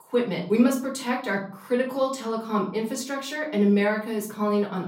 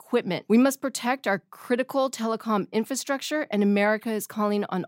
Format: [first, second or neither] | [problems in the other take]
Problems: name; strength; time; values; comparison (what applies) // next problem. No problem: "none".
second | off-mic speech; far // room echo; slight; dies away in 0.4 s